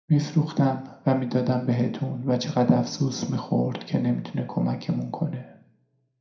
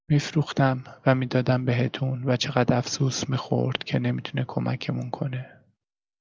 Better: second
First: room echo; dies away in 0.4 s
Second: none

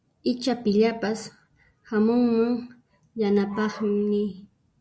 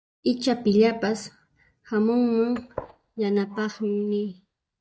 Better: first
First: none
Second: noise reduction (neural mask model DeepFilterNet 3)

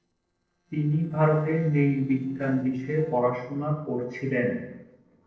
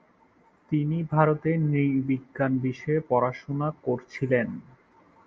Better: second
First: noise reduction (neural separator model SepFormer DNS4)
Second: none

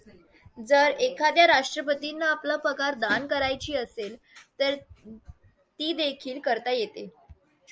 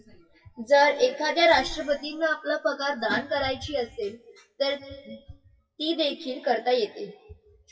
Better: first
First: none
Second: noise reduction (classical method WPE with log-MMSE)

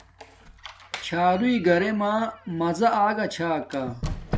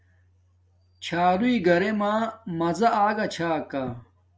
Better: second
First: background sound (Squeak); 12 dB below the speech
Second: none

